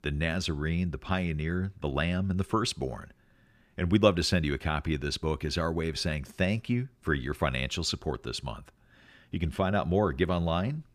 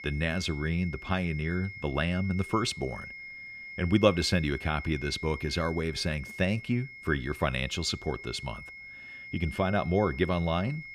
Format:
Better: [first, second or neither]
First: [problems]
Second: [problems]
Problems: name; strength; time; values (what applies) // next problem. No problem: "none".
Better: first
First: none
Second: high-pitched whine; noticeable; throughout; 2 kHz, 10 dB below the speech